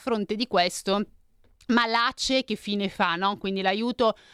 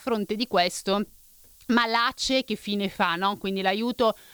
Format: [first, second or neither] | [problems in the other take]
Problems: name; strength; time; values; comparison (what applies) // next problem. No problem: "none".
first | hiss; faint; throughout; 25 dB below the speech